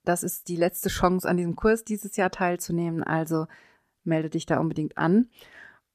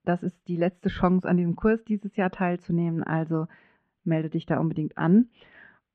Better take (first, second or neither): first